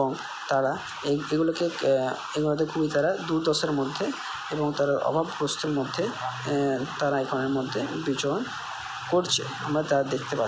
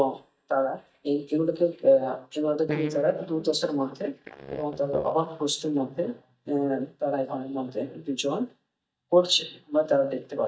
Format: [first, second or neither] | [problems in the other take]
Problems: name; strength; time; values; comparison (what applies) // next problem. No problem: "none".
first | noise reduction (neural mask model DeepFilterNet 3)